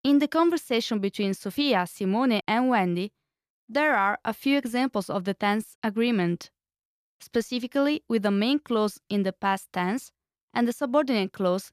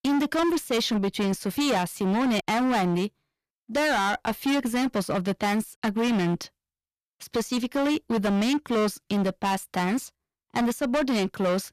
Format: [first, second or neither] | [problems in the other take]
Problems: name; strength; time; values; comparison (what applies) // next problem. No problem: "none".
first | distortion; heavy; 23% of the sound clipped